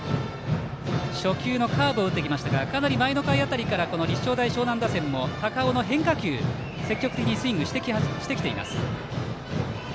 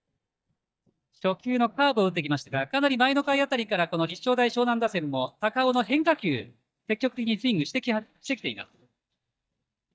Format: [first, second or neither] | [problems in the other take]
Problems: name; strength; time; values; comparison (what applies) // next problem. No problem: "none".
first | noise reduction (neural mask model DeepFilterNet 3)